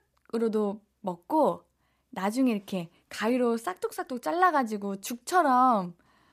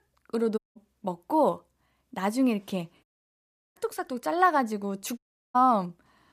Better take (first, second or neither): first